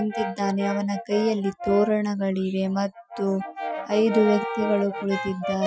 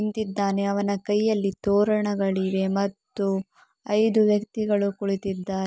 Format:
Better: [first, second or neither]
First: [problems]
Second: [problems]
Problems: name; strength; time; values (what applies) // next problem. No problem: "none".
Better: second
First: noise reduction (classical method Wiener filter)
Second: none